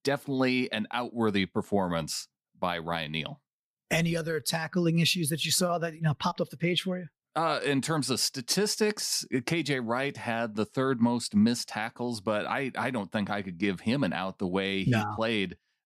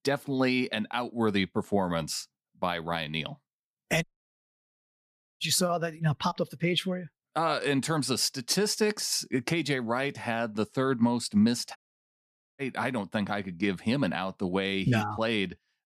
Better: first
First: none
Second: audio cutting out; at 4 s for 1.5 s and at 12 s for 1 s

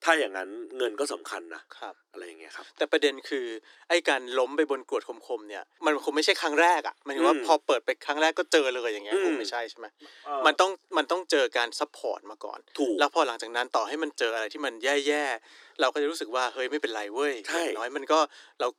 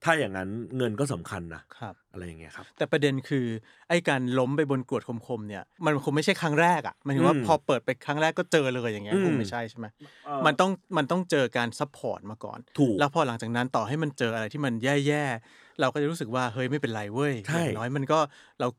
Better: second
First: thin; somewhat; fading below 300 Hz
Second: none

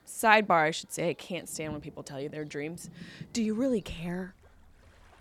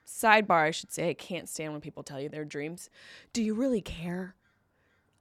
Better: second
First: rain or running water; faint; throughout; 25 dB below the speech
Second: none

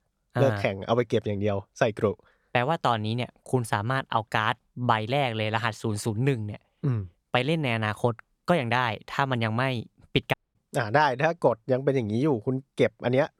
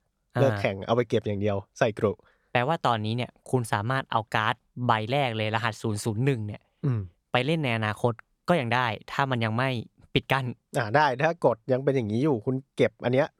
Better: second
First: audio cutting out; at 10 s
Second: none

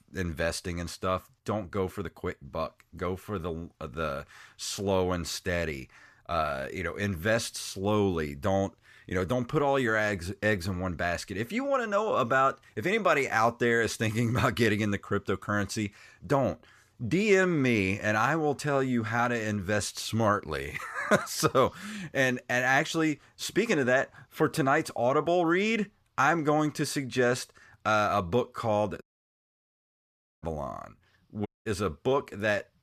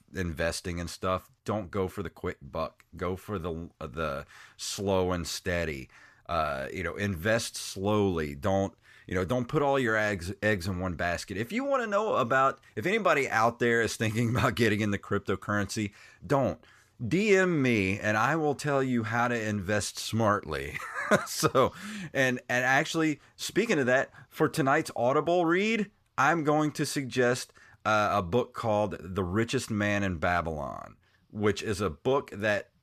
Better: second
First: audio cutting out; at 29 s for 1.5 s and at 31 s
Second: none

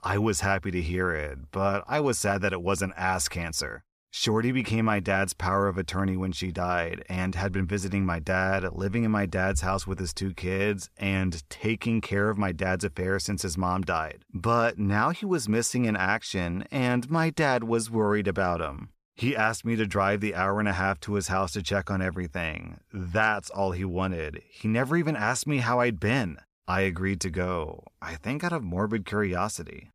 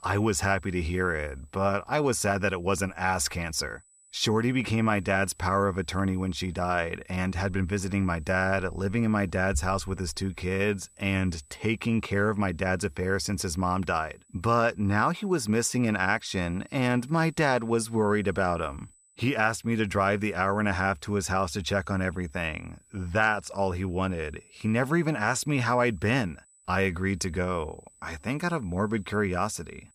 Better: first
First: none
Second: high-pitched whine; faint; throughout; 8 kHz, 30 dB below the speech

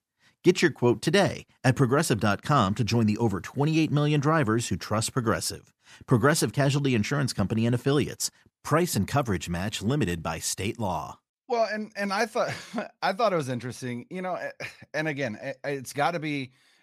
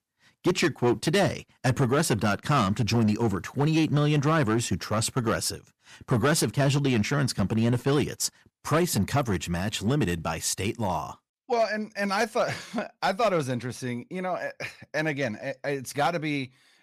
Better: first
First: none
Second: distortion; slight; 5% of the sound clipped

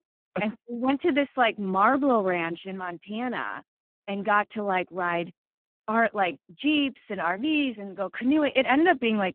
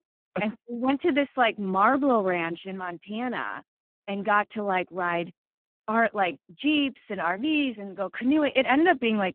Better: neither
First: phone-call audio; poor line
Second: phone-call audio; poor line

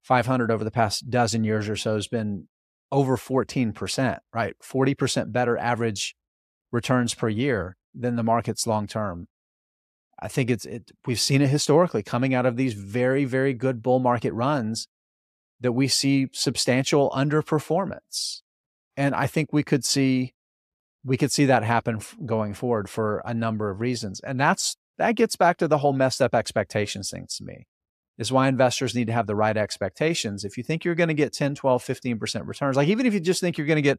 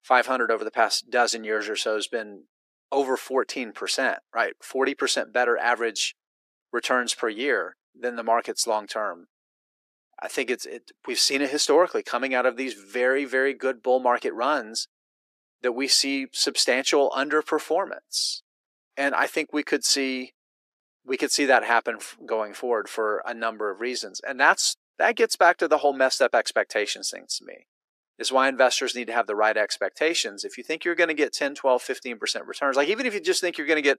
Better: first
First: none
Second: thin; somewhat; fading below 300 Hz

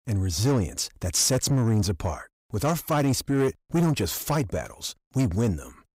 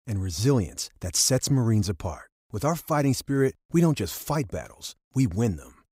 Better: second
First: distortion; slight; 10 dB below the speech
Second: none

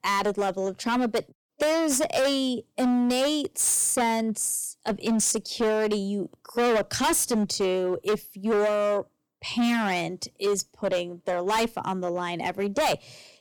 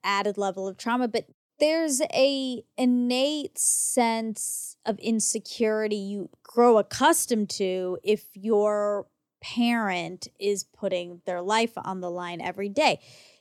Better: second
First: distortion; heavy; 16% of the sound clipped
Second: none

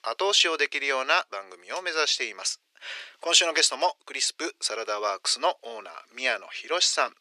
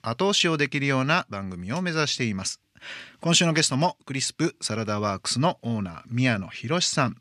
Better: second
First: thin; very; fading below 400 Hz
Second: none

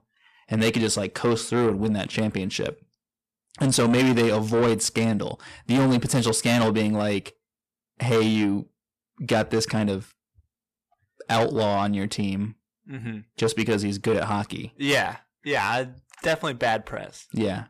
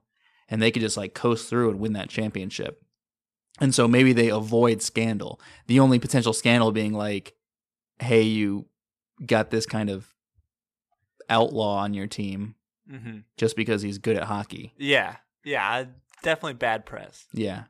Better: second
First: distortion; heavy; 7 dB below the speech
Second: none

